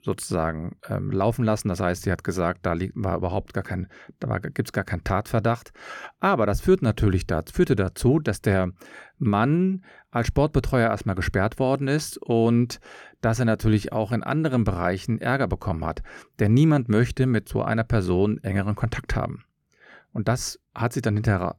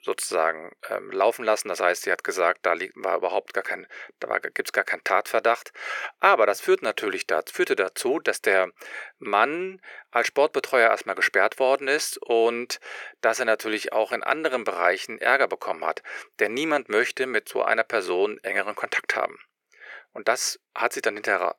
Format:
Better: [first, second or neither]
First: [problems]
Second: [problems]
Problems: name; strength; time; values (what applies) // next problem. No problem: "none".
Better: first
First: none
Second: thin; very; fading below 450 Hz